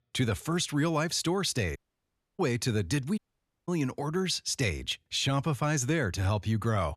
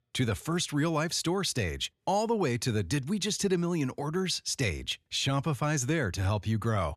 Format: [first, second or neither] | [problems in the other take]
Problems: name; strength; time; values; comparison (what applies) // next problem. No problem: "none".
second | audio cutting out; at 2 s for 0.5 s and at 3 s